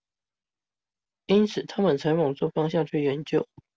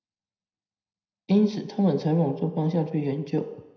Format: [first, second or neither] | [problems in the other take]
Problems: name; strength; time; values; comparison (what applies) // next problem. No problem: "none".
first | room echo; dies away in 0.7 s